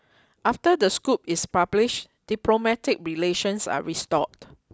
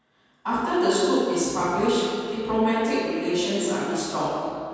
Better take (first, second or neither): first